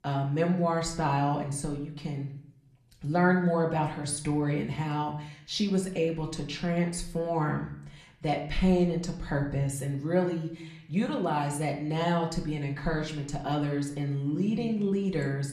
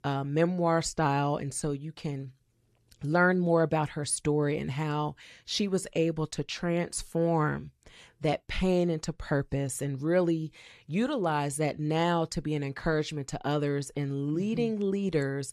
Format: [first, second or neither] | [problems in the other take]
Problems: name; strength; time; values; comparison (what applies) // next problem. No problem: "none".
second | room echo; slight; dies away in 0.6 s // off-mic speech; far